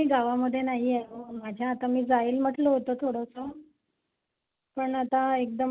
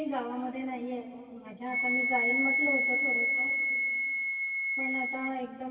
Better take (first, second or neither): first